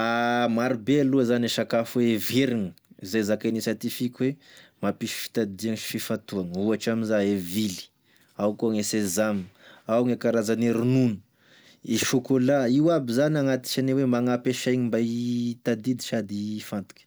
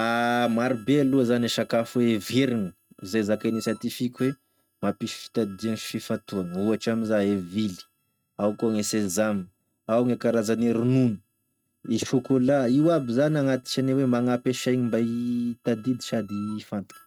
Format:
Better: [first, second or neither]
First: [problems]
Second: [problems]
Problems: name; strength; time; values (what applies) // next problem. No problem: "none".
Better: first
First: none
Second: noise reduction (neural mask model RNNoise)